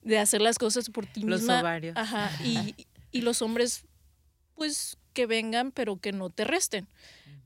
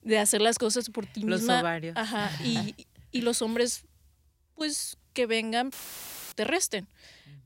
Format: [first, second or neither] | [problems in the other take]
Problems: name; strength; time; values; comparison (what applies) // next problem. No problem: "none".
first | audio cutting out; filled with static; at 5.5 s for 0.5 s